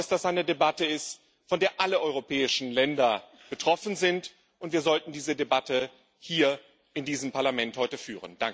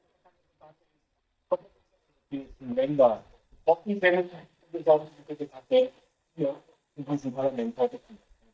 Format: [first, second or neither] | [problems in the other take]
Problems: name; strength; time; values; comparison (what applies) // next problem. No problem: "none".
first | noise reduction (neural mask model DeepFilterNet 3)